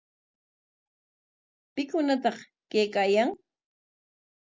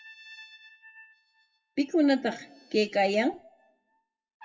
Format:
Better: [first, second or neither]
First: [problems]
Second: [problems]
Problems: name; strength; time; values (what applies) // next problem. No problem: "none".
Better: first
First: none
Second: noise reduction (classical method WPE with log-MMSE)